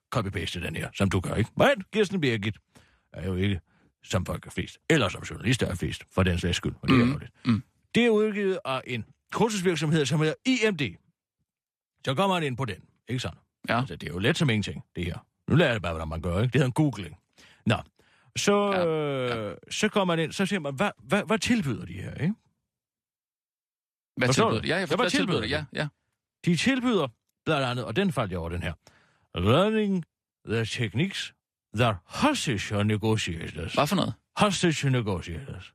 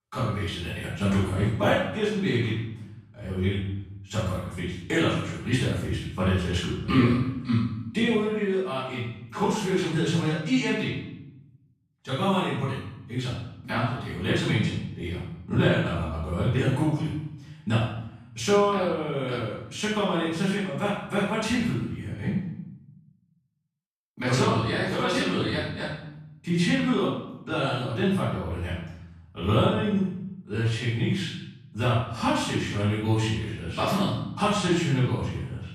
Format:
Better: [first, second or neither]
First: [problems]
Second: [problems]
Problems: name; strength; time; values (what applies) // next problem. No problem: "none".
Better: first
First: none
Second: room echo; strong; dies away in 0.8 s // off-mic speech; far